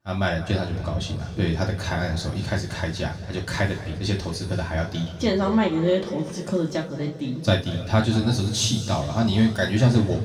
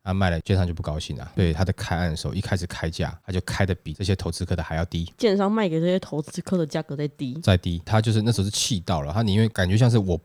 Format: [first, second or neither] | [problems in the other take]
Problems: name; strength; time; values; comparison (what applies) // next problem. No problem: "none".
second | room echo; noticeable; dies away in 2.1 s // off-mic speech; far